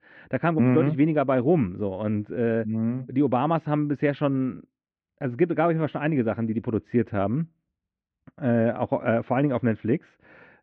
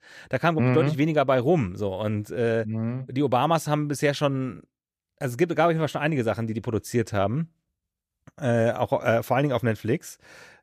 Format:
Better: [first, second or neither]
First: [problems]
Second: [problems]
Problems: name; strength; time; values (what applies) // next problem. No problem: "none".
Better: second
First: muffled; very; fading above 2.5 kHz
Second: none